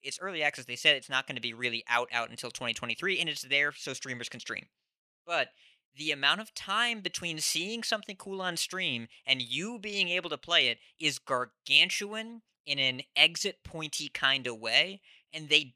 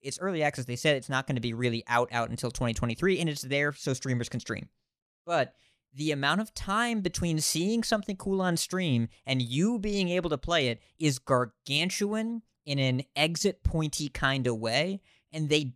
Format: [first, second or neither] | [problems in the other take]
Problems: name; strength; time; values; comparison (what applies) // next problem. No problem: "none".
second | thin; somewhat; fading below 550 Hz